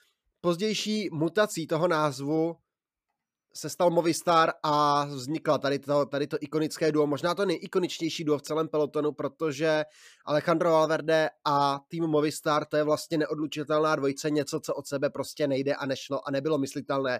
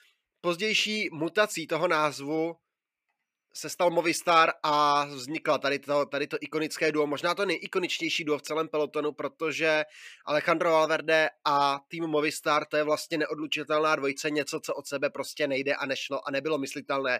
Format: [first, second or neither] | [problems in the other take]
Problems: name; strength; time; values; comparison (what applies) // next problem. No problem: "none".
first | thin; very slightly; fading below 350 Hz